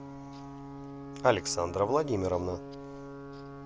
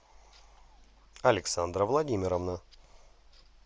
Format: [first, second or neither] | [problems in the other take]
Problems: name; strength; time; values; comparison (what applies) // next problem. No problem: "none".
second | background sound (Alarm / Ocean / Boat, Water vehicle); 10 dB below the speech